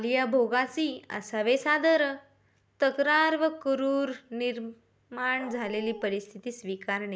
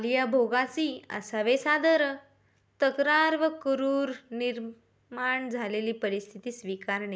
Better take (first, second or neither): second